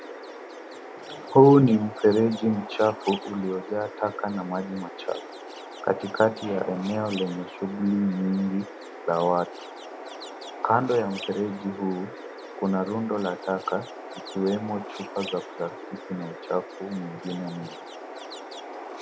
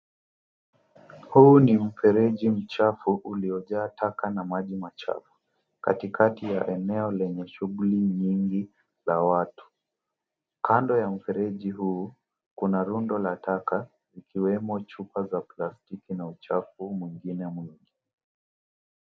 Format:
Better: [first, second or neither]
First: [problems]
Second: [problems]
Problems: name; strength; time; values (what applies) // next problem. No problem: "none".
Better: second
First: background sound (Chirp, tweet); 13 dB below the speech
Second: none